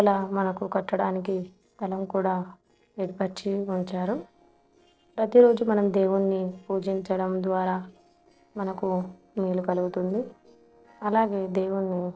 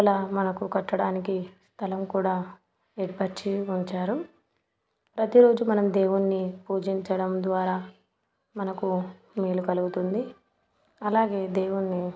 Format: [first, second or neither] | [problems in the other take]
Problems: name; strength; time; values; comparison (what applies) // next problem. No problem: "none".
second | noise reduction (neural separator model SepFormer DNS4)